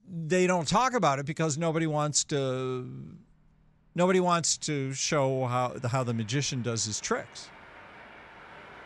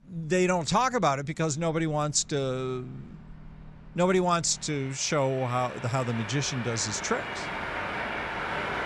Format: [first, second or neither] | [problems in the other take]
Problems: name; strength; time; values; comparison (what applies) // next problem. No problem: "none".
first | train or aircraft noise; loud; throughout; 8 dB below the speech; faint in the first